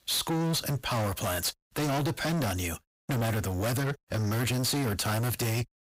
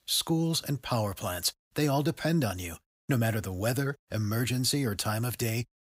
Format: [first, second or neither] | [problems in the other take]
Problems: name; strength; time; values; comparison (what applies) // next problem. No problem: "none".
second | distortion; heavy; 34% of the sound clipped